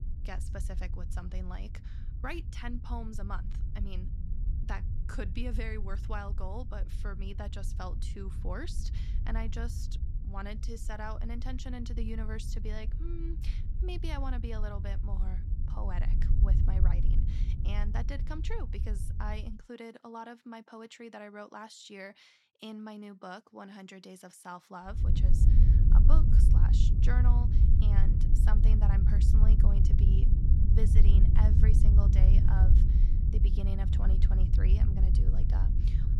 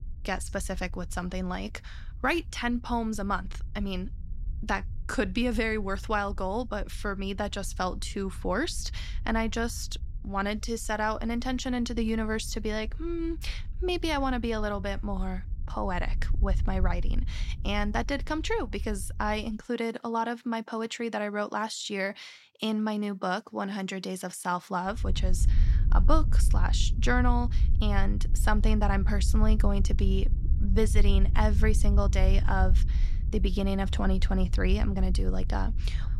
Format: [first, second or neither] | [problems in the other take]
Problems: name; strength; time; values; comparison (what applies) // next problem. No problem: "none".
second | wind noise on the microphone; heavy; until 19 s and from 25 s on; 2 dB below the speech; occasional gusts in the second